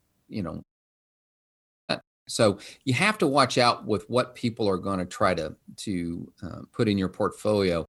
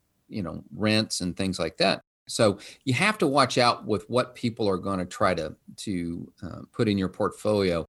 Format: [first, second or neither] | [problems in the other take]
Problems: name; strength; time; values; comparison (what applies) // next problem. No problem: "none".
second | audio cutting out; at 0.5 s for 1.5 s